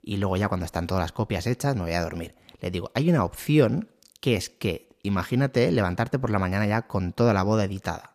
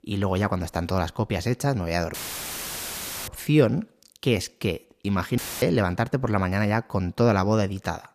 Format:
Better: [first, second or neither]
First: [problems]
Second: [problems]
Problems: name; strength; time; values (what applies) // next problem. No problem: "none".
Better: first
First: none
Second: audio cutting out; filled with static; at 2 s for 1 s and at 5.5 s